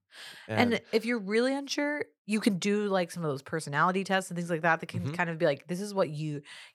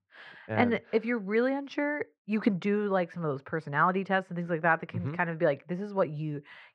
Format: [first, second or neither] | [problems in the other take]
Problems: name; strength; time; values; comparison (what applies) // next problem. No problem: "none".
first | muffled; very; fading above 2 kHz